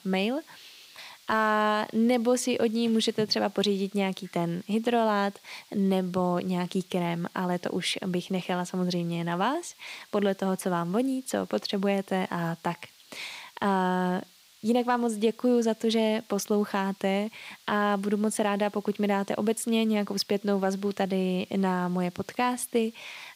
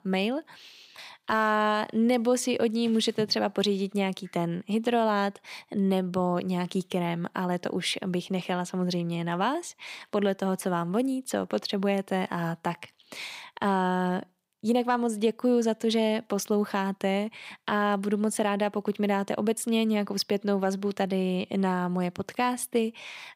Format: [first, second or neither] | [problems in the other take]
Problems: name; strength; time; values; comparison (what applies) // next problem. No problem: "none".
second | hiss; faint; throughout; 25 dB below the speech